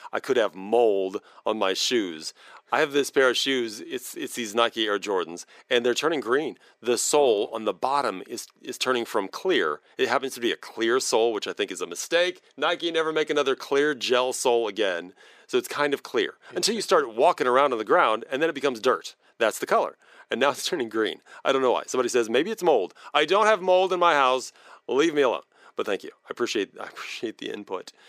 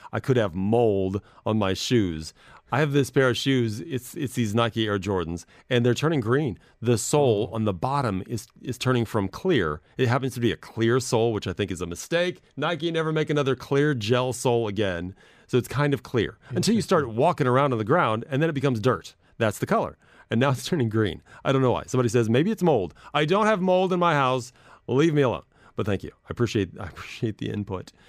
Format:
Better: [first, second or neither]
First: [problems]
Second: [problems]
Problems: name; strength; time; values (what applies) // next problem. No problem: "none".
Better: second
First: thin; somewhat; fading below 350 Hz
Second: none